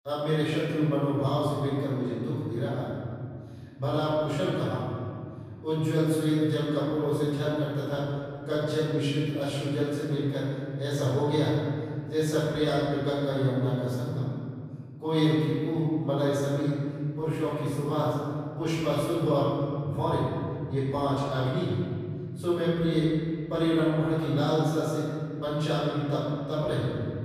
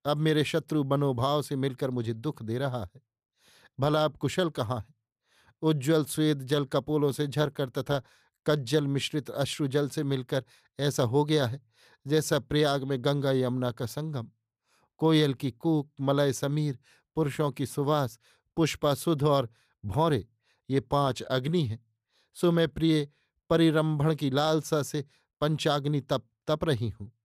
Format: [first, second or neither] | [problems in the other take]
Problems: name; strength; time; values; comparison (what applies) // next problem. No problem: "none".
second | off-mic speech; far // room echo; strong; dies away in 2.5 s